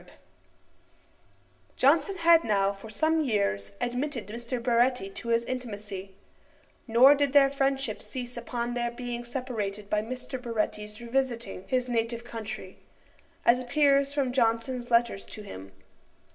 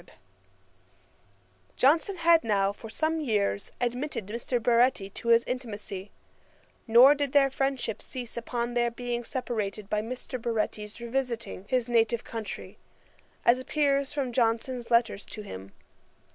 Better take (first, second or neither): second